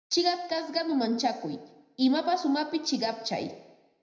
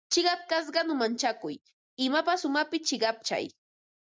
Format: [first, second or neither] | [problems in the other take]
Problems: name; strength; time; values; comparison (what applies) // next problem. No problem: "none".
second | room echo; dies away in 0.8 s